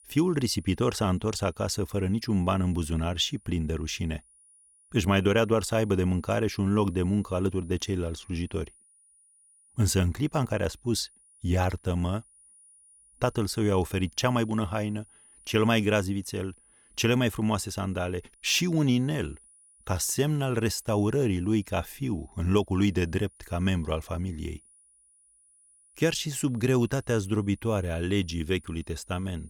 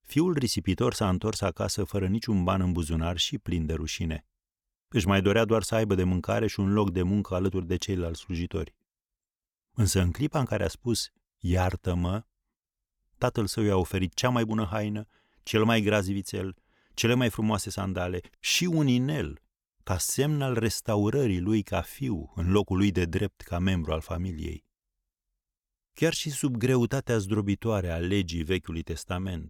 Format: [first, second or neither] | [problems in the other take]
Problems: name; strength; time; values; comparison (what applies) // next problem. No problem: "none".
second | high-pitched whine; faint; throughout; 9.5 kHz, 30 dB below the speech